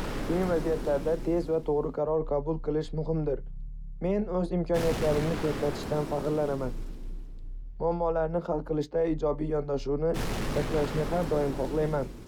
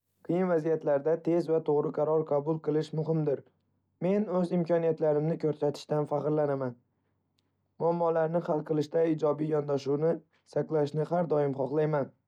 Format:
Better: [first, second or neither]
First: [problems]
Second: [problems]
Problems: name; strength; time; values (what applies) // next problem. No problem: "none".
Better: second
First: background sound (Explosion + Growling); 5 dB below the speech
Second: none